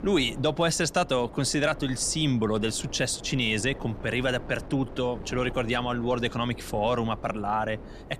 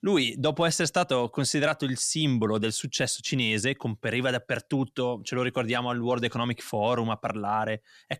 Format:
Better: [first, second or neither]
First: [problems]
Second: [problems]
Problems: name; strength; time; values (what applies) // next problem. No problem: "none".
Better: second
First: wind noise on the microphone; occasional gusts; 20 dB below the speech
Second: none